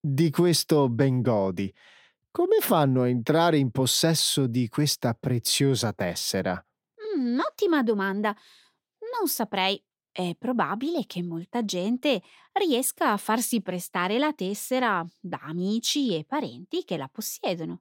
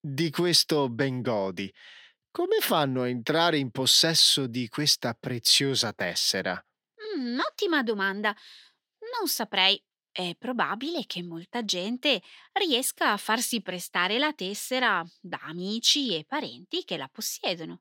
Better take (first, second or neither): first